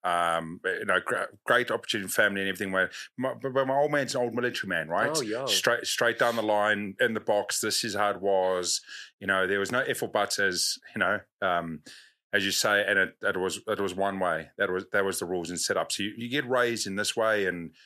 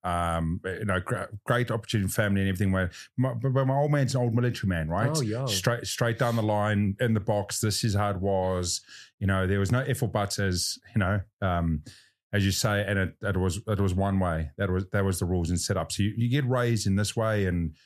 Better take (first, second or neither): second